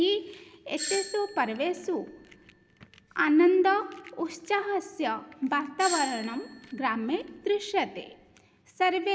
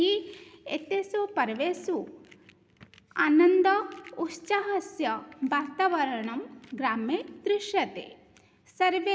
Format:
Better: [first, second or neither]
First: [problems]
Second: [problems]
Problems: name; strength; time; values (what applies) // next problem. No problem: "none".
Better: second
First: background sound (Doorbell); 12 dB below the speech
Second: none